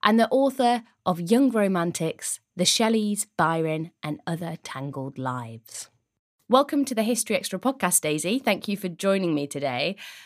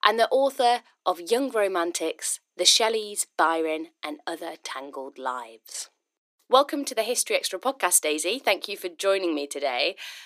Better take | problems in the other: first | thin; somewhat; fading below 350 Hz

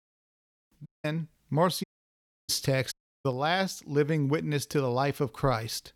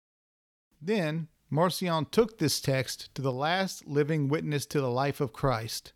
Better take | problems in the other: second | audio cutting out; at 1 s, at 2 s for 0.5 s and at 3 s

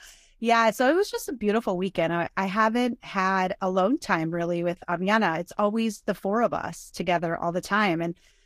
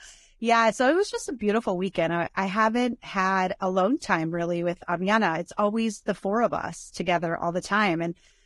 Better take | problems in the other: first | garbled, watery; badly; nothing above 10.5 kHz; slightly in the first

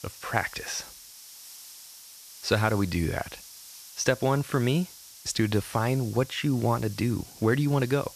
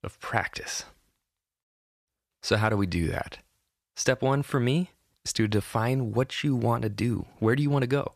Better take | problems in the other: second | hiss; noticeable; throughout; 15 dB below the speech

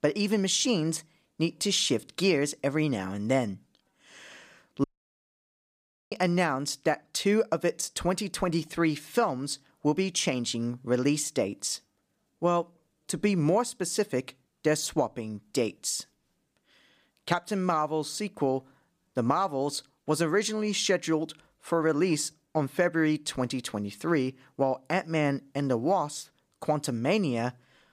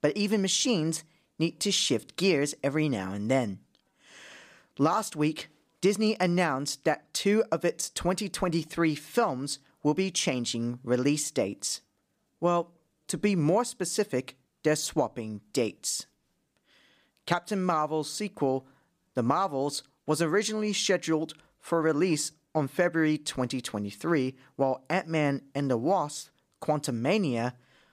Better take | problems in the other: second | audio cutting out; at 5 s for 1.5 s

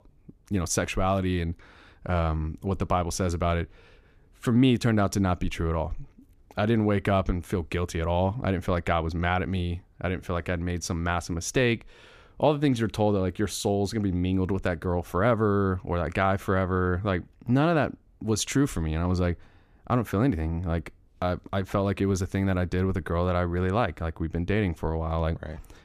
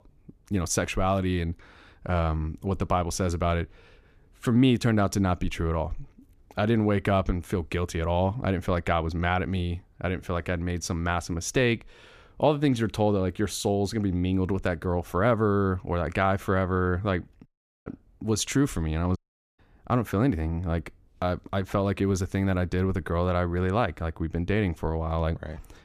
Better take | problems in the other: first | audio cutting out; at 17 s and at 19 s

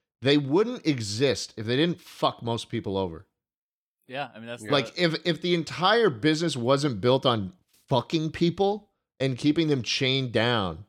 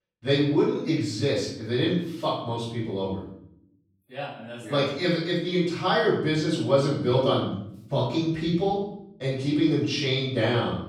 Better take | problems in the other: first | off-mic speech; far // room echo; noticeable; dies away in 0.7 s

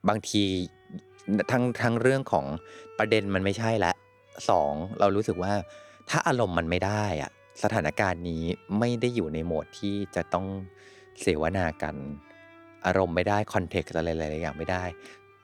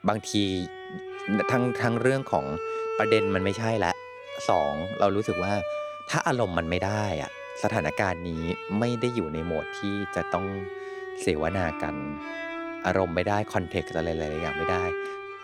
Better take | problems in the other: first | background music; loud; throughout; 6 dB below the speech; faint in the first

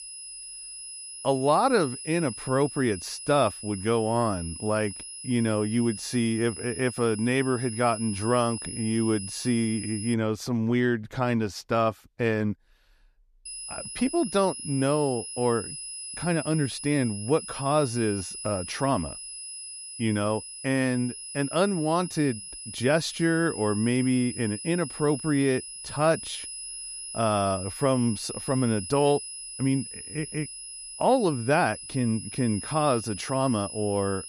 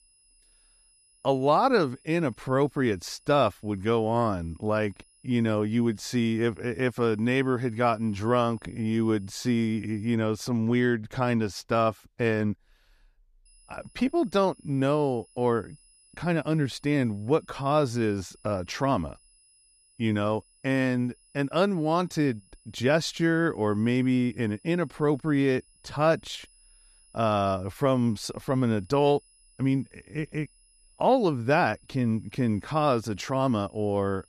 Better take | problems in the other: second | high-pitched whine; loud; until 10 s and from 13 s on; 10.5 kHz, 10 dB below the speech; faint in the second

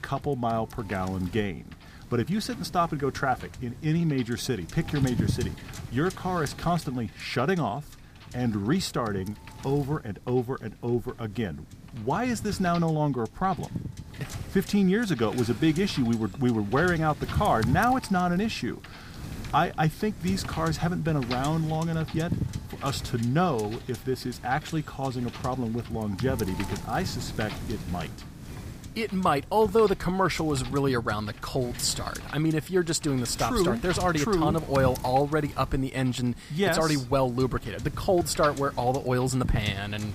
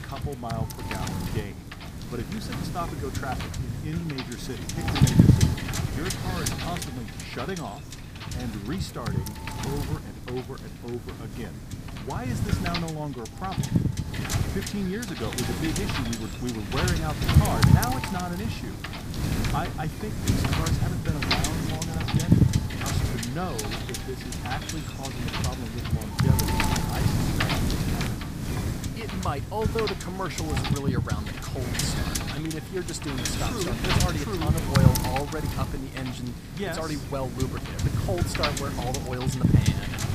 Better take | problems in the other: first | wind noise on the microphone; heavy; 3 dB above the speech; occasional gusts in the first

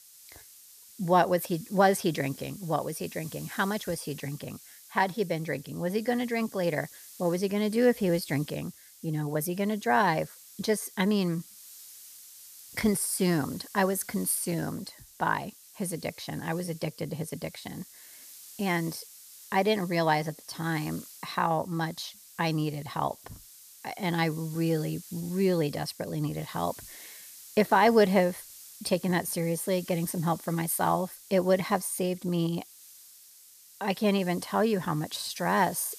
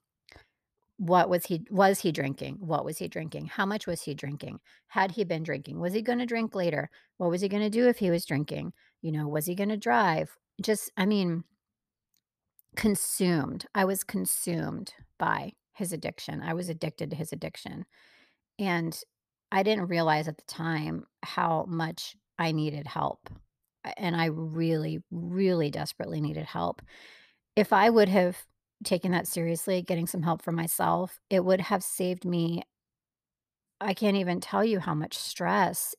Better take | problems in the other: second | hiss; noticeable; throughout; 20 dB below the speech

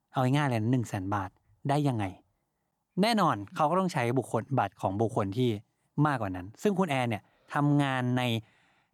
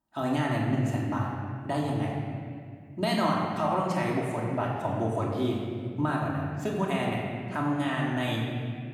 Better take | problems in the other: first | room echo; noticeable; dies away in 2 s // off-mic speech; far

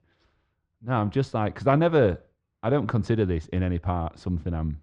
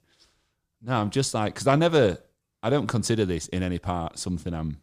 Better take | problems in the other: second | muffled; very; fading above 2 kHz

